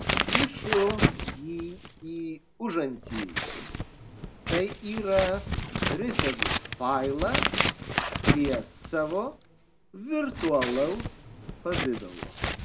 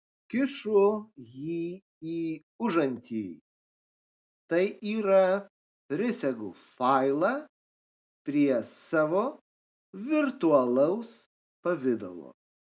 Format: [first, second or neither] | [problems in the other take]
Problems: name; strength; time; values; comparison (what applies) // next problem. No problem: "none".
second | background sound (Scissors); as loud as the speech